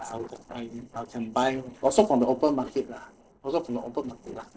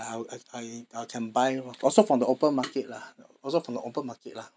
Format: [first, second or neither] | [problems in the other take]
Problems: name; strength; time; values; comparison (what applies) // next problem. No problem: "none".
second | noise reduction (neural separator model SepFormer DNS4)